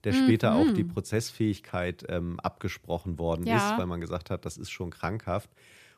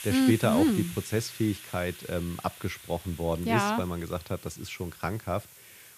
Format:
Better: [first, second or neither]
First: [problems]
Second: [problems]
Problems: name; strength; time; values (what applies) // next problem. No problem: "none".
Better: first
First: none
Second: hiss; noticeable; throughout; 15 dB below the speech